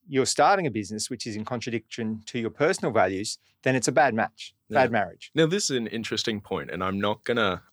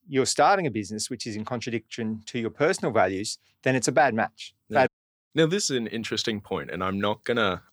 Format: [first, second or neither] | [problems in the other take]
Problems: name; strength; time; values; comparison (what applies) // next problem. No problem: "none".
first | audio cutting out; at 5 s